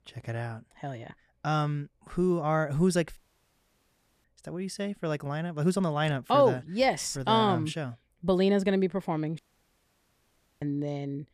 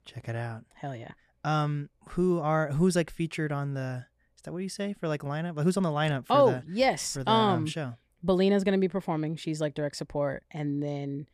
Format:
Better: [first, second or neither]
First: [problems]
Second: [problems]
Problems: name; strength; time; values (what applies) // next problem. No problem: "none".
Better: second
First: audio cutting out; at 3 s for 1 s and at 9.5 s for 1 s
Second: none